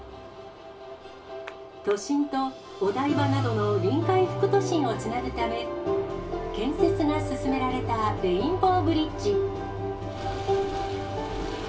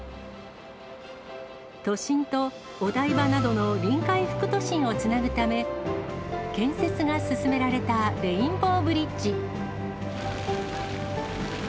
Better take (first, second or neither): second